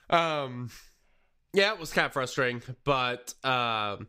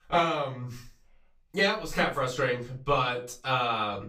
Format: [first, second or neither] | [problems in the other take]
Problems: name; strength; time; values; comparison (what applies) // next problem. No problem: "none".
first | off-mic speech; far // room echo; slight; dies away in 0.3 s